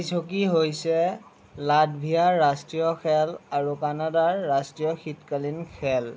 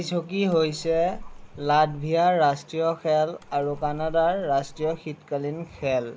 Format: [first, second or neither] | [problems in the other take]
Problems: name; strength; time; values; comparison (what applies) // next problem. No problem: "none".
first | background sound (Splash, splatter); 15 dB below the speech